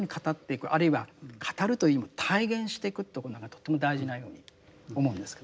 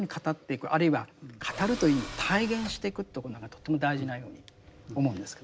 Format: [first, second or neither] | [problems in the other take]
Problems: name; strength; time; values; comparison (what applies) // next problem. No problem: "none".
first | background sound (Tools); 14 dB below the speech